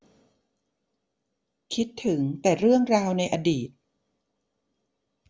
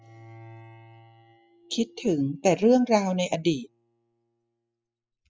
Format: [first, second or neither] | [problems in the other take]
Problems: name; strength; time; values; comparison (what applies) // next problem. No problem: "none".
first | noise reduction (classical method spectral subtraction)